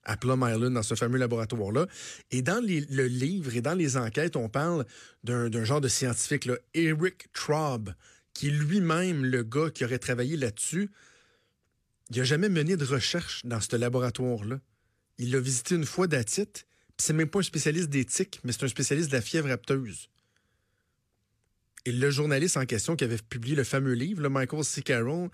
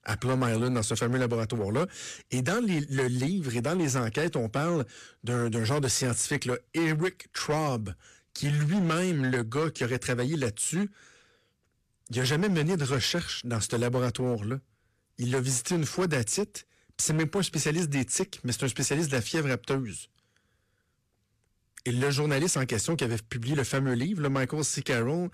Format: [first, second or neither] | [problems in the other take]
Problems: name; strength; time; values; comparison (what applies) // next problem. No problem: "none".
first | distortion; slight; 11% of the sound clipped